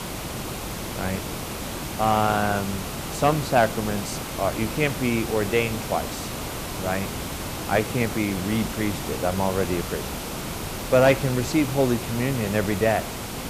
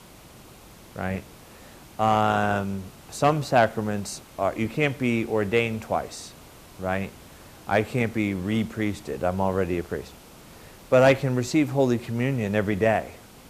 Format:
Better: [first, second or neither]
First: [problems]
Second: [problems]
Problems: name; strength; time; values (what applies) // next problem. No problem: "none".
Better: second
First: hiss; loud; throughout; 6 dB below the speech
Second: hiss; faint; throughout; 20 dB below the speech